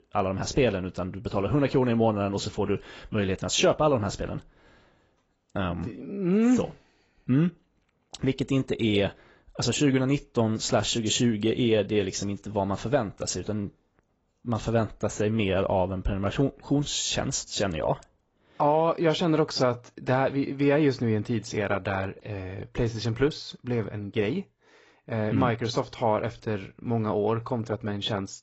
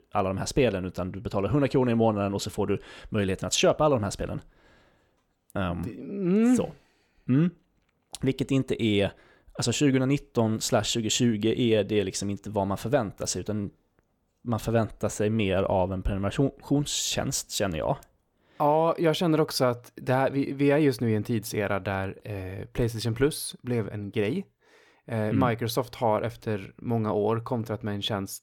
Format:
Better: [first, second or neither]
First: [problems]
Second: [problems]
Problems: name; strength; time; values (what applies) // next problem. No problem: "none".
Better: second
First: garbled, watery; badly; nothing above 7.5 kHz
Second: none